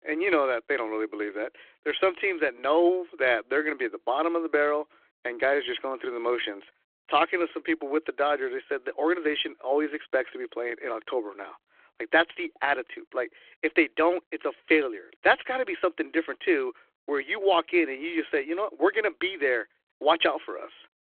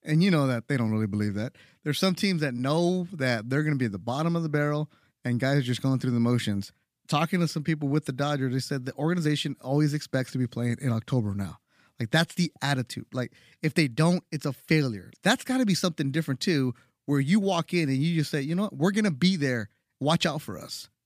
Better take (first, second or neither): second